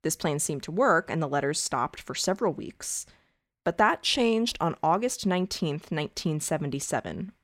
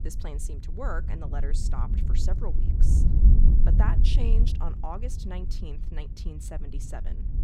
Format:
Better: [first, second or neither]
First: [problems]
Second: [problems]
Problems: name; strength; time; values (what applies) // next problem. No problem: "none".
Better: first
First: none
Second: wind noise on the microphone; heavy; 3 dB below the speech